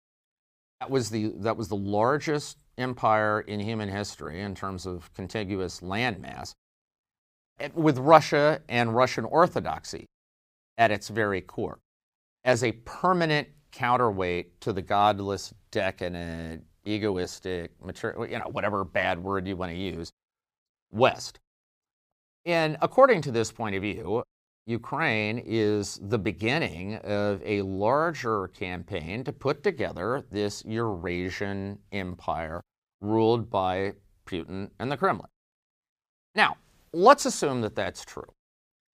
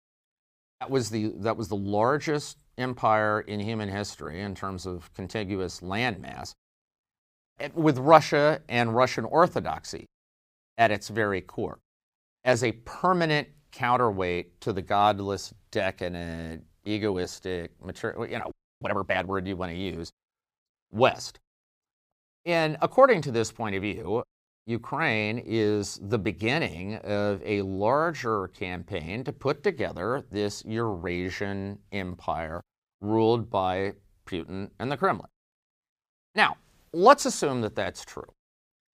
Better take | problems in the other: first | audio freezing; at 19 s

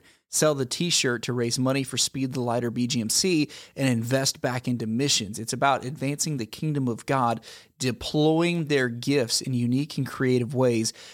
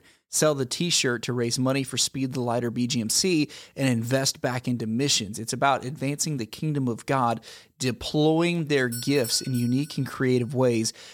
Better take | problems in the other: first | doorbell; noticeable; at 9 s; peak 9 dB below the speech

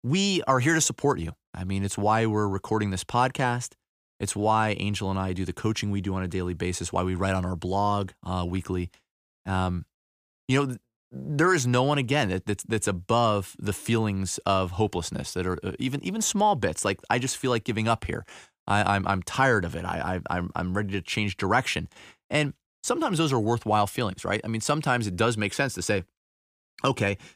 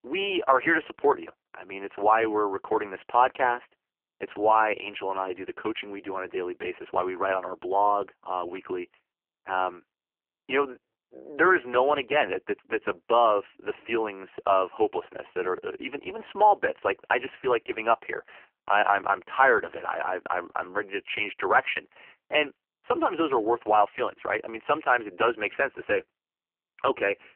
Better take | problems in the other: first | phone-call audio; poor line; nothing above 3 kHz

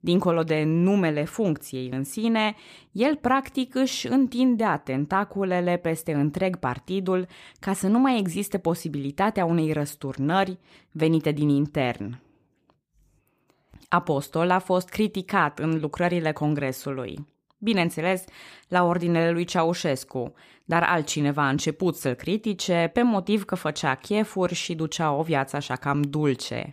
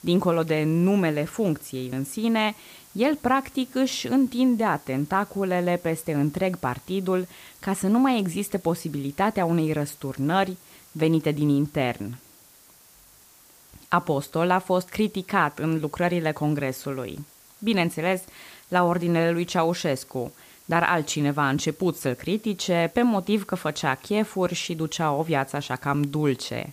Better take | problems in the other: first | hiss; faint; throughout; 25 dB below the speech

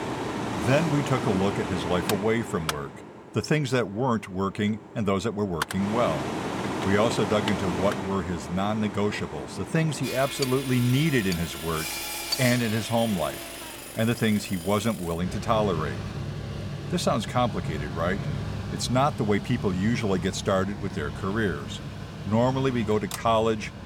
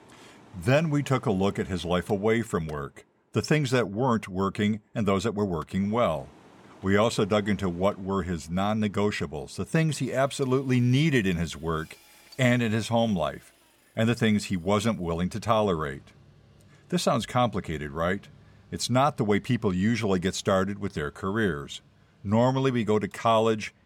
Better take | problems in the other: second | machinery noise; loud; throughout; 6 dB below the speech; faint in the second

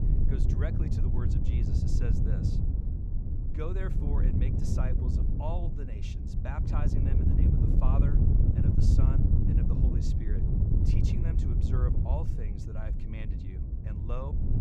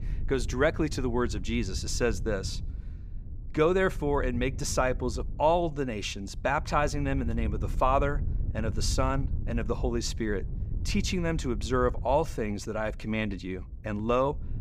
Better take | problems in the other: second | wind noise on the microphone; heavy; 3 dB above the speech; occasional gusts in the second

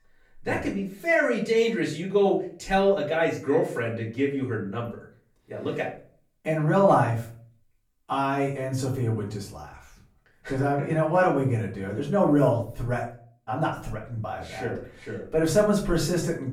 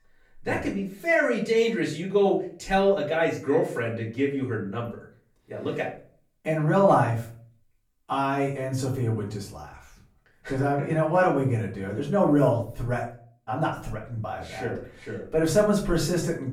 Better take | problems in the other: neither | off-mic speech; far; the same in both // room echo; slight; dies away in 0.4 s; the same in both

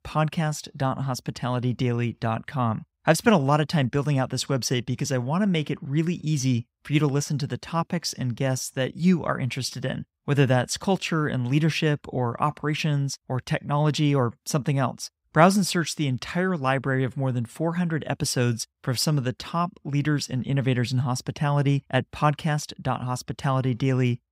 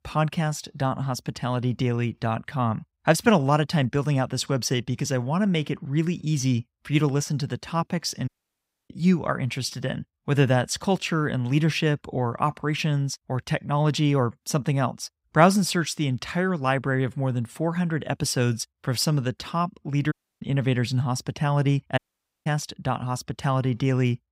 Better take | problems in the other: first | audio cutting out; at 8.5 s for 0.5 s, at 20 s and at 22 s

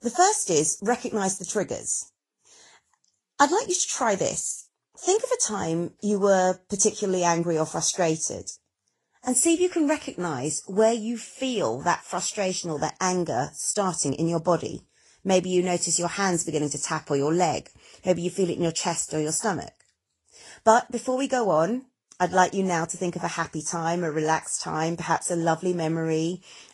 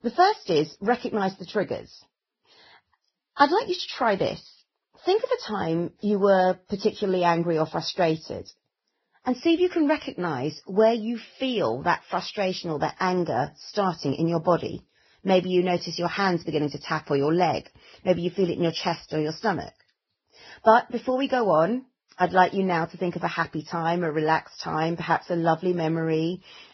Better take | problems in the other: first | garbled, watery; badly; nothing above 6 kHz; slightly in the first

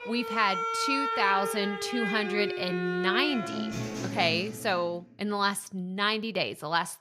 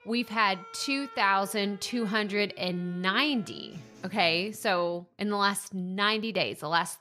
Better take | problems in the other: second | background music; loud; until 4 s; 3 dB below the speech; faint in the second

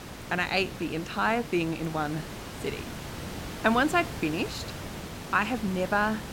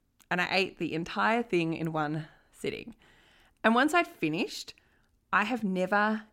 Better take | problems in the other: second | hiss; noticeable; throughout; 10 dB below the speech

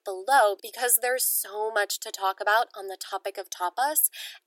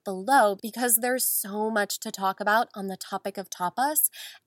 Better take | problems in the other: second | thin; very; fading below 350 Hz

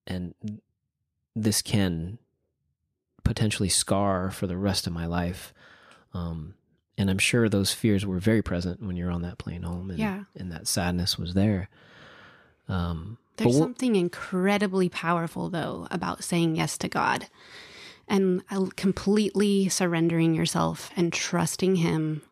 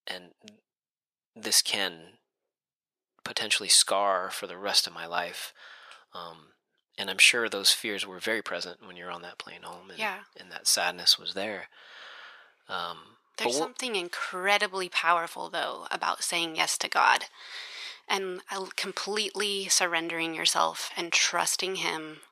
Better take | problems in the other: first | thin; very; fading below 750 Hz

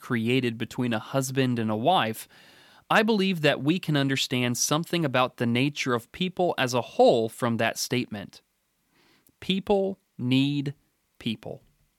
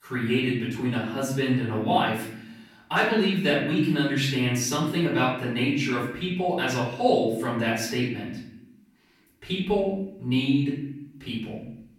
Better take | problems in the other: first | off-mic speech; far // room echo; noticeable; dies away in 0.8 s

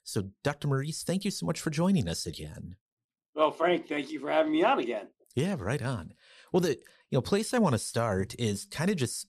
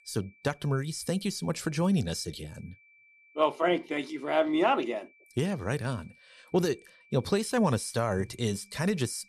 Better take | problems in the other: first | high-pitched whine; faint; throughout; 2.5 kHz, 30 dB below the speech

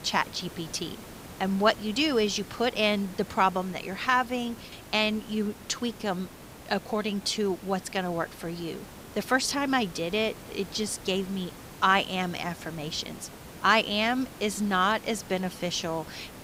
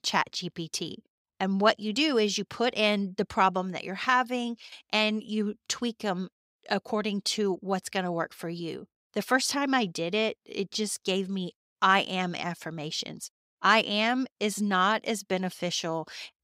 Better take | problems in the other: second | hiss; noticeable; throughout; 15 dB below the speech

